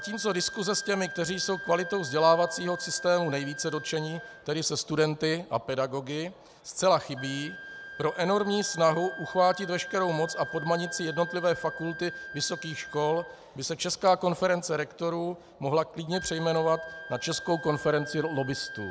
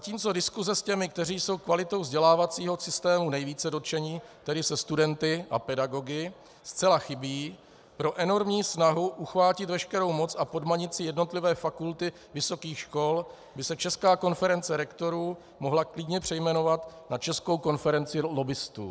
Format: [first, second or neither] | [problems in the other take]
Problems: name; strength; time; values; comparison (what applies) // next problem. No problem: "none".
second | background sound (Wind instrument, woodwind instrument); 13 dB below the speech